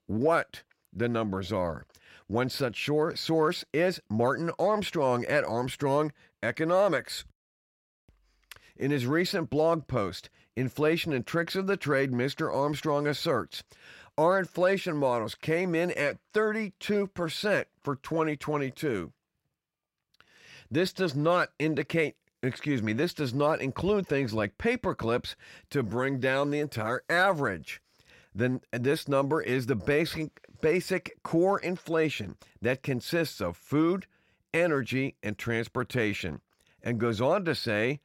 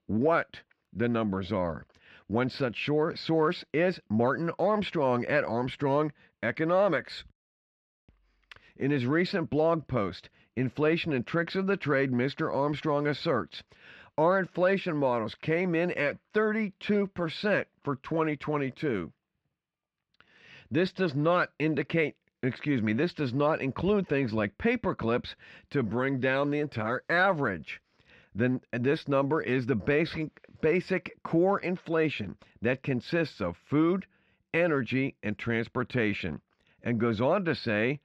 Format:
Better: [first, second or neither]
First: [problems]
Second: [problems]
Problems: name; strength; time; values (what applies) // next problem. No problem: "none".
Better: first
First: none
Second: muffled; very slightly; fading above 3 kHz